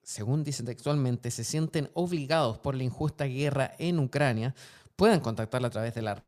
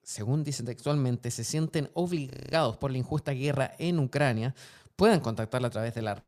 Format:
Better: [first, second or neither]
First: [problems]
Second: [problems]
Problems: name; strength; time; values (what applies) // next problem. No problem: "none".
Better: first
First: none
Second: audio freezing; at 2.5 s